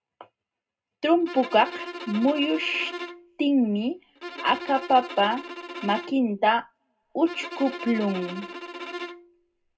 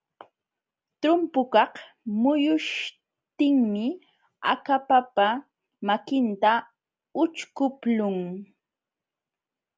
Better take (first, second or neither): second